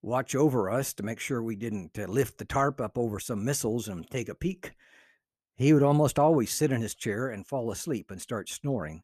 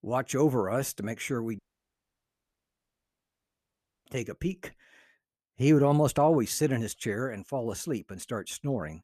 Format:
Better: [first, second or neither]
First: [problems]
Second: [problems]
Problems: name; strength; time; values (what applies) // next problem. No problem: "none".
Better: first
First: none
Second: audio cutting out; at 1.5 s for 2.5 s